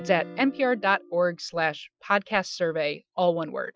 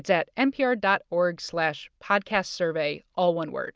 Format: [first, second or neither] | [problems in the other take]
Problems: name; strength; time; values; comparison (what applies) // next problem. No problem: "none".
second | noise reduction (classical method Wiener filter)